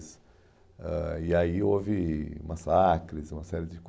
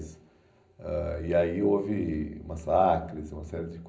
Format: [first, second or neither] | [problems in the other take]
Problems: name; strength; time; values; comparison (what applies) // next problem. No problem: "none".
first | room echo; dies away in 0.5 s